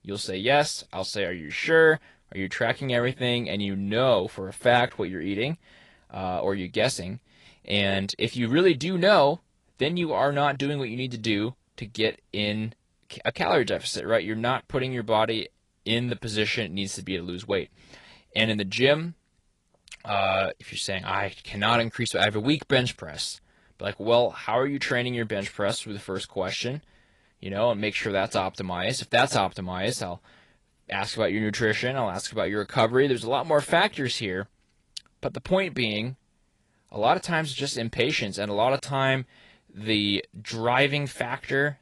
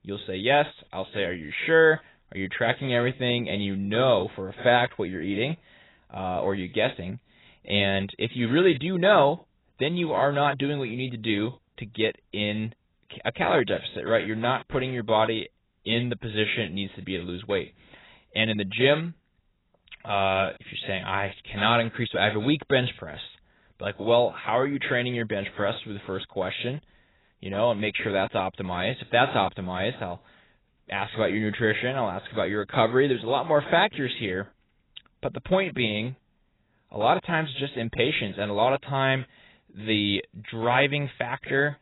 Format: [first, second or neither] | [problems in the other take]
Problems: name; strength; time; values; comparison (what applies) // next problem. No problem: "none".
first | garbled, watery; badly; nothing above 4 kHz; slightly in the first